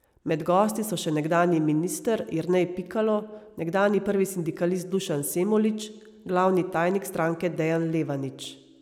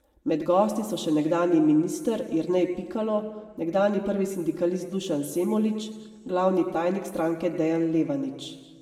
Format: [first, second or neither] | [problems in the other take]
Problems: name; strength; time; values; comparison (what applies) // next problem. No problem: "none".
first | room echo; dies away in 1.3 s